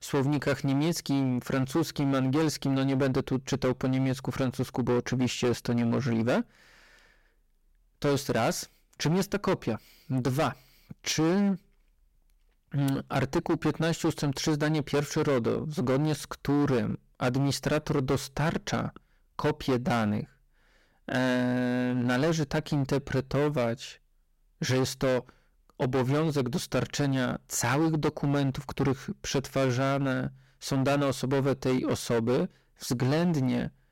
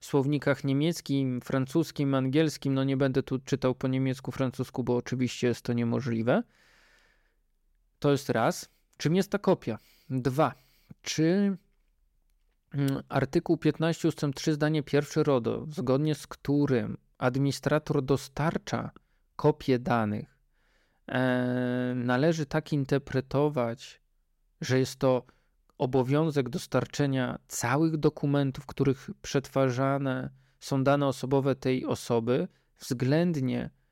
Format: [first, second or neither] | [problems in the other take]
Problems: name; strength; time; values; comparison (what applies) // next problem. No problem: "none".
second | distortion; heavy; 14% of the sound clipped